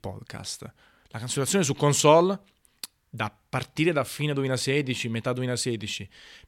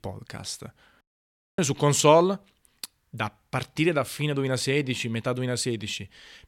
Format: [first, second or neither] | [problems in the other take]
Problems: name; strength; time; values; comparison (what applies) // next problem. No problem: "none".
first | audio cutting out; at 1 s for 0.5 s